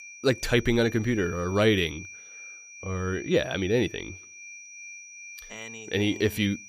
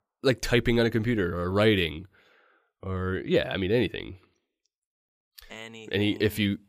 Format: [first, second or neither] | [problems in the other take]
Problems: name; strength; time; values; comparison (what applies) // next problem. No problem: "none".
second | high-pitched whine; noticeable; throughout; 2.5 kHz, 15 dB below the speech